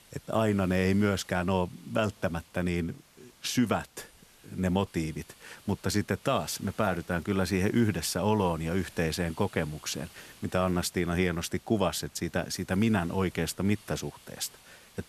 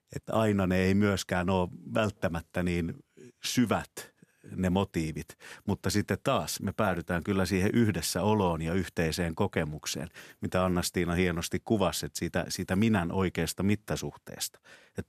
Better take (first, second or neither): second